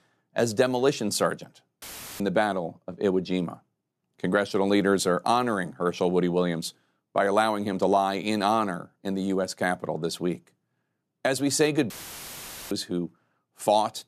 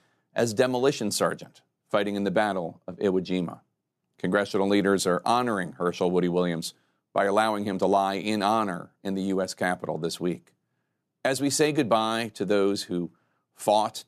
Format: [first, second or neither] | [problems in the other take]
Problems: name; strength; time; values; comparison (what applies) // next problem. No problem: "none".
second | audio cutting out; filled with static; at 2 s and at 12 s for 1 s